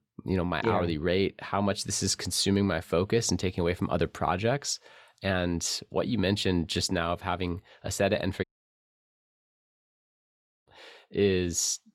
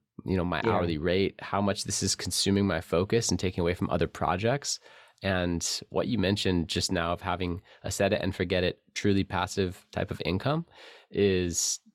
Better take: second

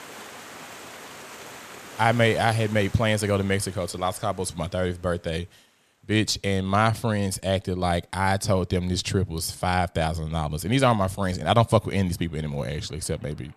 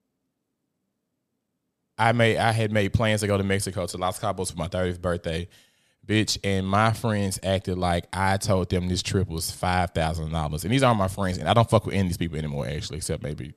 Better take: second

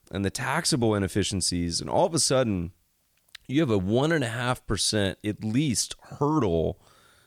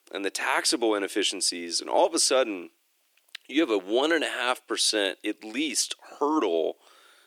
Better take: first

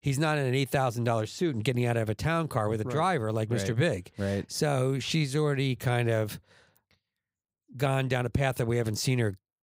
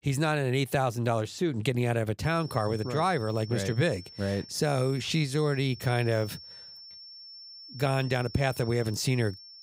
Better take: first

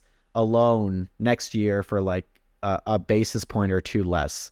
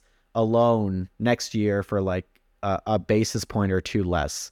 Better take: second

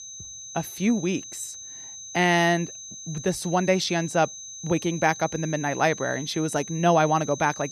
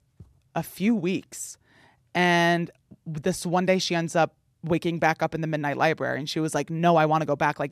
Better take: second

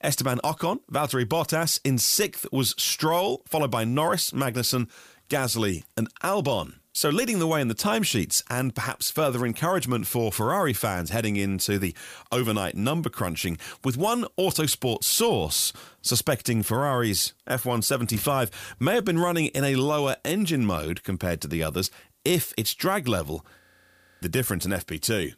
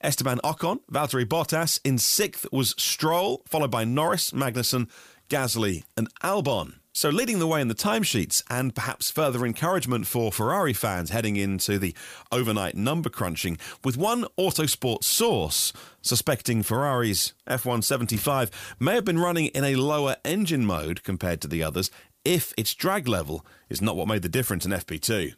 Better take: second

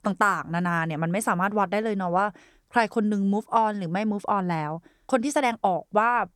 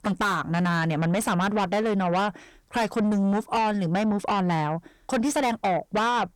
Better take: first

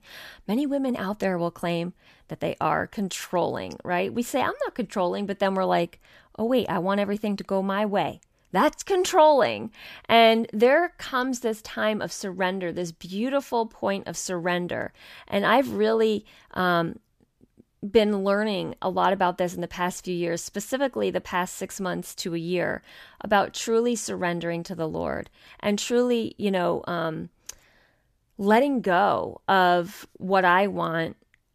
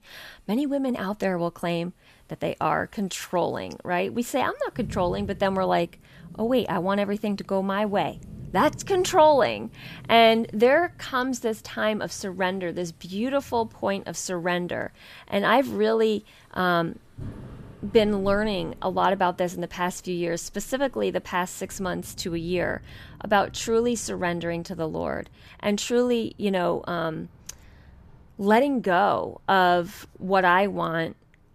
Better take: first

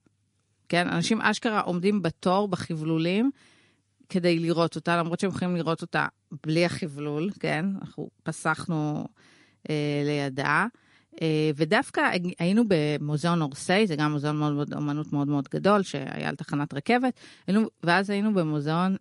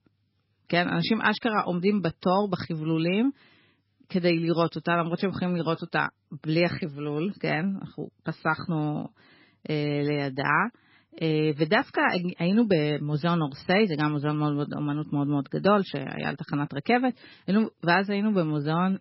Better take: first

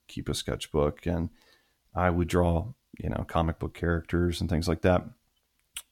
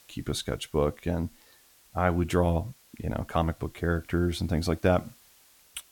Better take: first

